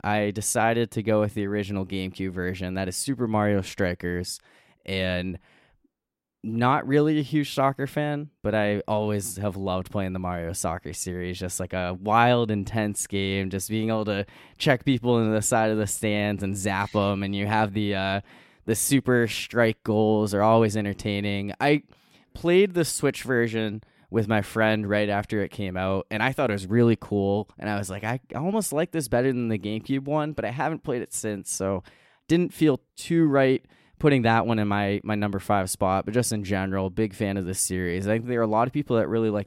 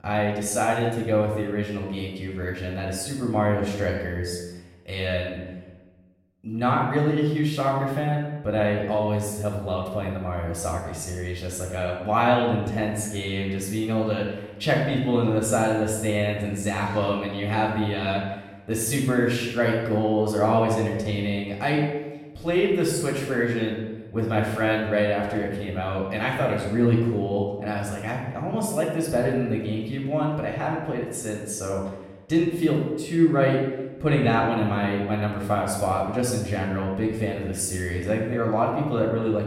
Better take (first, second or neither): first